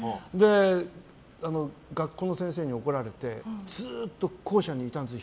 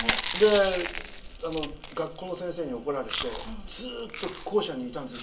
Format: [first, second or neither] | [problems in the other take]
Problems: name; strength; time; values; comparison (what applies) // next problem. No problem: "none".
first | background sound (Chewing, mastication); 6 dB below the speech // room echo; dies away in 0.2 s